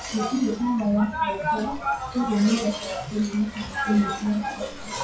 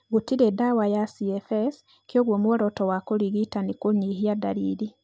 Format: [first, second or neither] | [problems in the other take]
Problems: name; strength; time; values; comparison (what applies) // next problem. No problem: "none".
second | noise reduction (classical method WPE with log-MMSE)